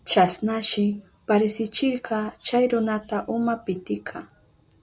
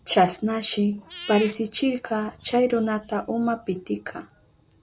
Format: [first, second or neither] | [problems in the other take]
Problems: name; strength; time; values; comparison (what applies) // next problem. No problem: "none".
first | background sound (Meow / Purr); 18 dB below the speech